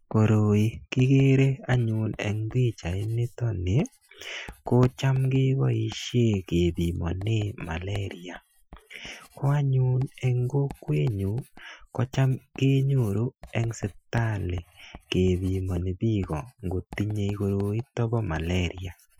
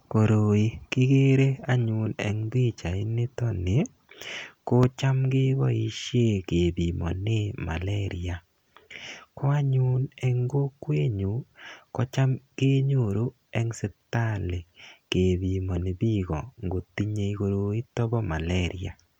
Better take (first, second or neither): second